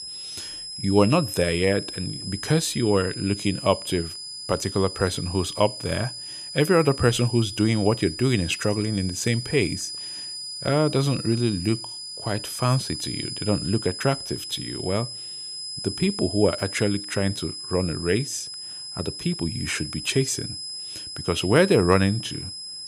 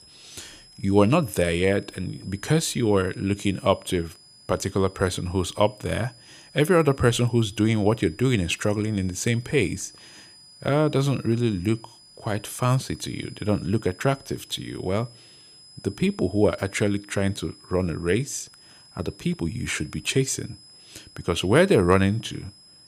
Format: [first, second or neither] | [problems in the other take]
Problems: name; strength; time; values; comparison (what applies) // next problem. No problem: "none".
second | high-pitched whine; loud; throughout; 5 kHz, 8 dB below the speech; faint in the second